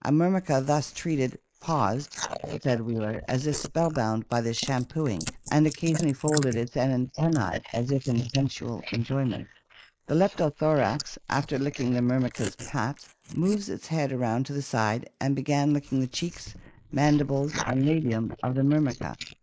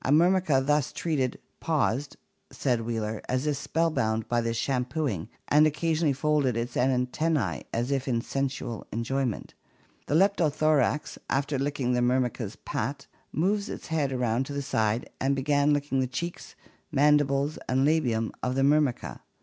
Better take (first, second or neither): second